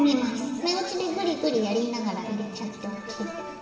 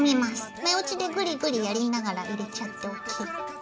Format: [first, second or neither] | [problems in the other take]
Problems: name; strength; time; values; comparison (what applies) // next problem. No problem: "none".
second | room echo; dies away in 1.8 s